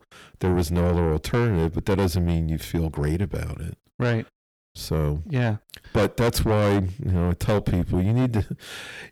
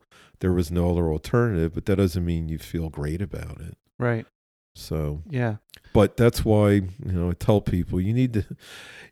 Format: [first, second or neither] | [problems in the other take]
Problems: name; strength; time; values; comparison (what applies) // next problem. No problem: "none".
second | distortion; heavy; 7 dB below the speech